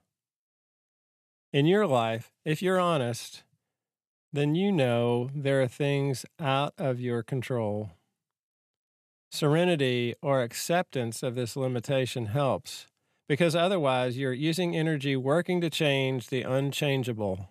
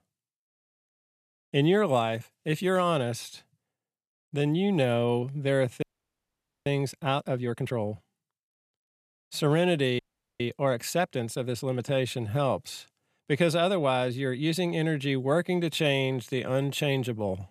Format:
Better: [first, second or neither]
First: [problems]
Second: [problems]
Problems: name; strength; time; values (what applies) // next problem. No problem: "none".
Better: first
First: none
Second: audio freezing; at 6 s for 1 s and at 10 s